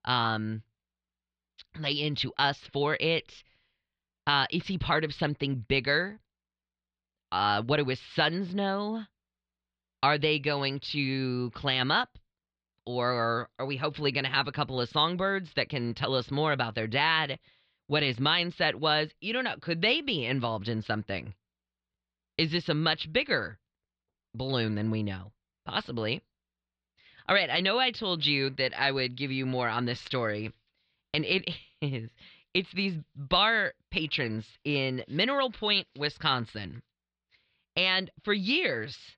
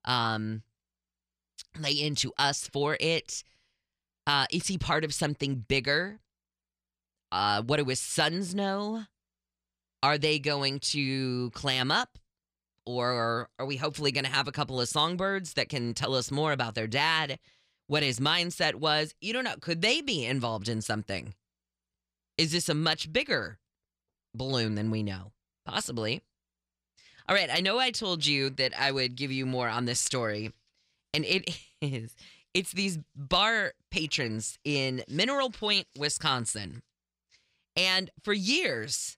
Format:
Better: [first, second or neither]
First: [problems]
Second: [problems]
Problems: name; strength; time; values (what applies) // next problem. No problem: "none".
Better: second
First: muffled; very slightly; fading above 4 kHz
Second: none